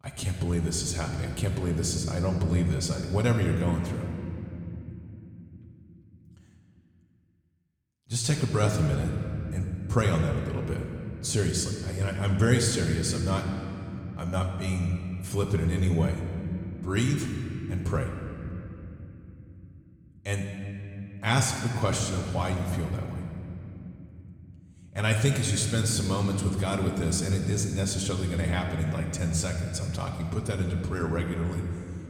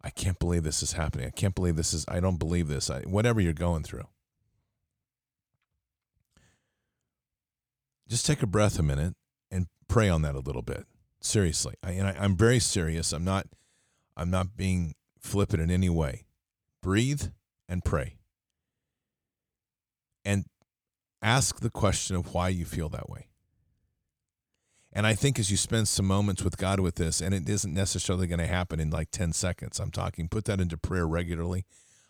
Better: second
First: room echo; slight; dies away in 2.8 s // off-mic speech; somewhat distant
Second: none

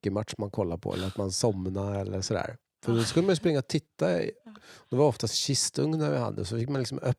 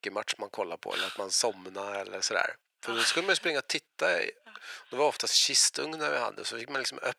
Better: first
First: none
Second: thin; very; fading below 700 Hz

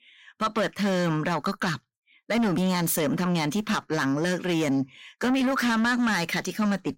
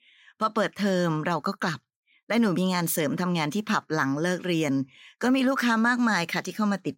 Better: second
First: distortion; slight; 10 dB below the speech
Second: none

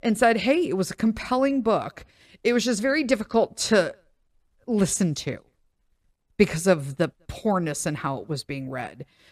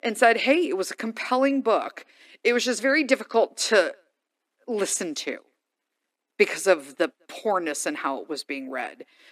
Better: first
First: none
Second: thin; very slightly; fading below 250 Hz

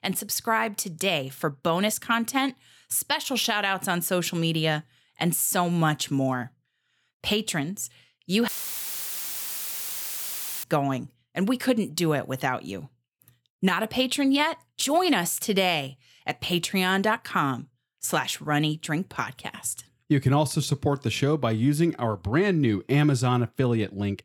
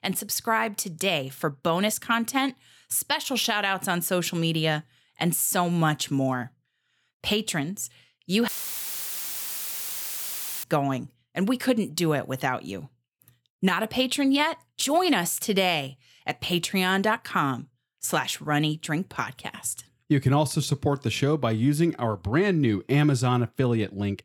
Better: neither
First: audio cutting out; filled with static; at 8.5 s for 2 s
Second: audio cutting out; filled with static; at 8.5 s for 2 s

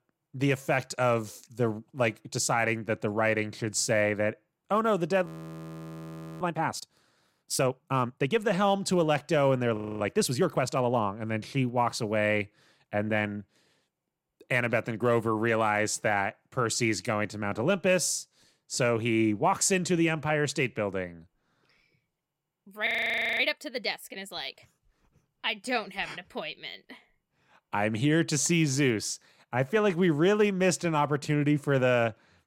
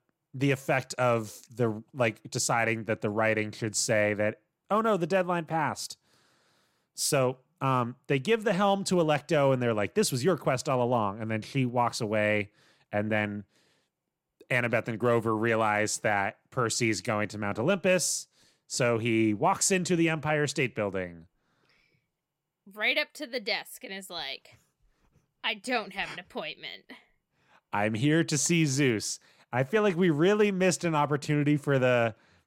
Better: second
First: audio freezing; at 5.5 s for 1 s, at 10 s and at 23 s for 0.5 s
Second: none

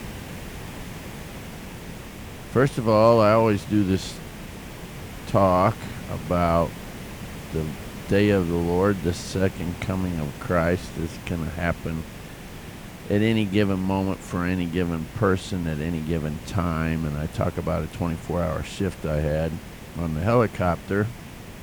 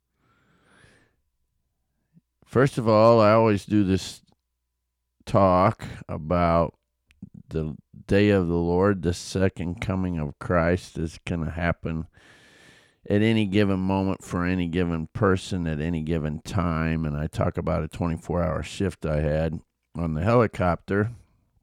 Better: second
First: hiss; noticeable; throughout; 15 dB below the speech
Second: none

